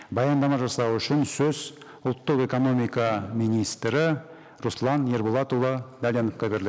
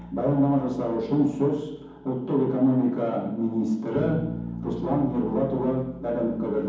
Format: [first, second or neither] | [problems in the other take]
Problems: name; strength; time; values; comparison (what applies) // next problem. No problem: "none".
first | background sound (Bass guitar); 13 dB below the speech // room echo; dies away in 1.2 s